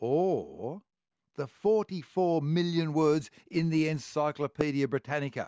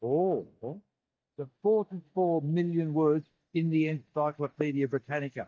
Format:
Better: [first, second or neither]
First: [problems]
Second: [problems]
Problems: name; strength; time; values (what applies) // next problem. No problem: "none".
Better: first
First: none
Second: noise reduction (neural mask model DeepFilterNet 3)